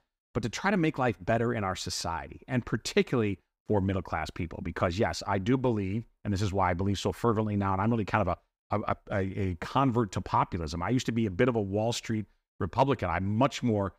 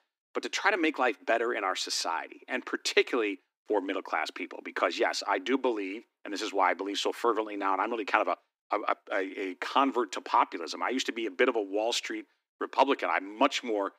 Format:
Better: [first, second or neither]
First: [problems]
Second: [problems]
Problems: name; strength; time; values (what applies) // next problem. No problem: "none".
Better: first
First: none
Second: thin; somewhat; fading below 250 Hz